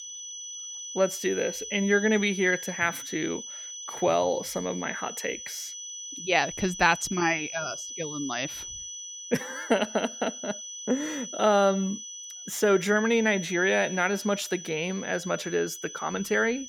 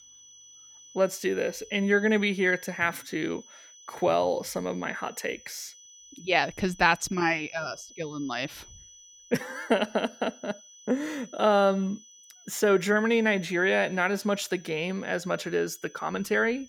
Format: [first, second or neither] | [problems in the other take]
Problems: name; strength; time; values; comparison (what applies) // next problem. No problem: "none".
second | high-pitched whine; loud; throughout; 6 kHz, 10 dB below the speech; faint in the second